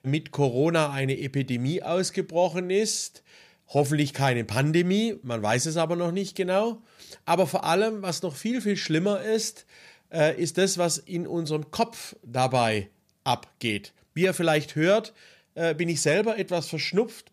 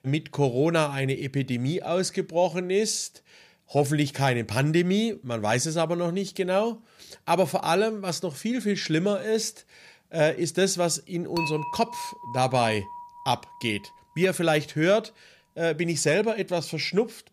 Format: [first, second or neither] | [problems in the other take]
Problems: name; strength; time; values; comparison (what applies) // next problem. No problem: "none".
first | clattering dishes; noticeable; from 11 to 14 s; peak 5 dB below the speech